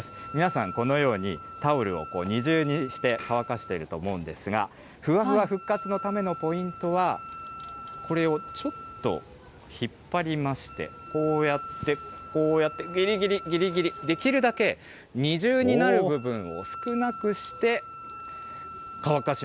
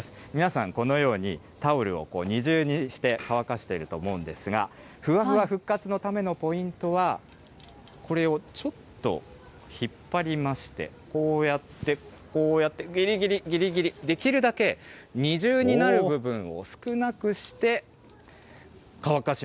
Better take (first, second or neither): second